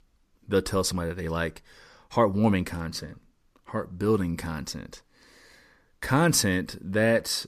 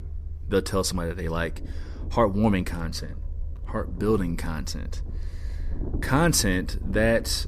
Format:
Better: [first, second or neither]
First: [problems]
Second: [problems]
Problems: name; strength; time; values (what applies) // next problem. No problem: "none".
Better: first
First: none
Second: low rumble; faint; throughout; 20 dB below the speech